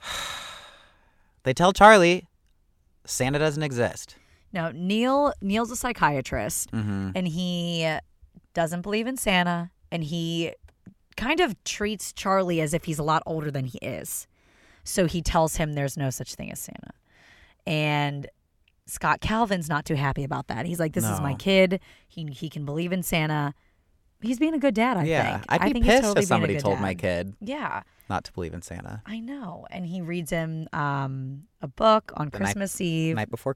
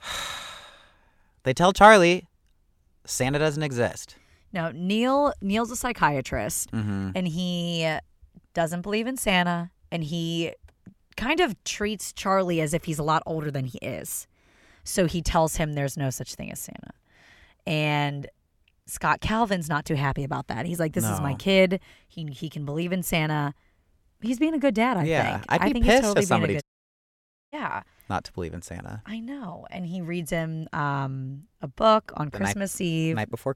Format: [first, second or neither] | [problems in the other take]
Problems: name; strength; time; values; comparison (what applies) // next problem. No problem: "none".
first | audio cutting out; at 27 s for 1 s